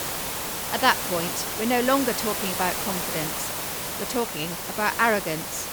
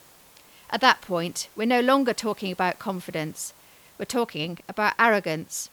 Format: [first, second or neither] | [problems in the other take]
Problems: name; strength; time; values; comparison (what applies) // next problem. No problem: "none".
second | hiss; loud; throughout; 2 dB below the speech; faint in the second